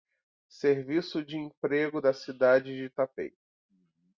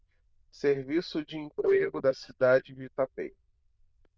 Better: first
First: none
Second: noise reduction (neural diffusion model UNIVERSE++)

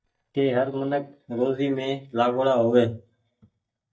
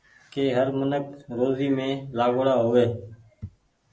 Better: second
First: noise reduction (neural mask model DeepFilterNet 3)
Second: none

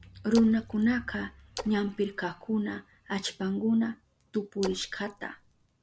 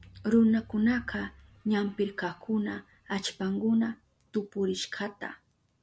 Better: second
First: background sound (Splash, splatter); 16 dB below the speech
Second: none

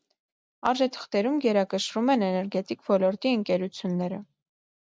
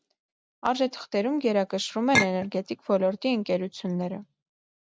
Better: first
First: none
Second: background sound (Chink, clink); as loud as the speech

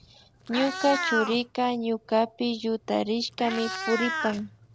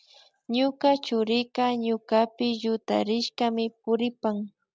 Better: second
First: background sound (Meow); 7 dB below the speech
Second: none

